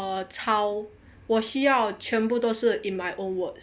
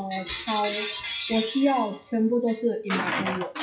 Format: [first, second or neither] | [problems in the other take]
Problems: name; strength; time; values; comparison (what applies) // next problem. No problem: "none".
first | noise reduction (classical method WPE with log-MMSE)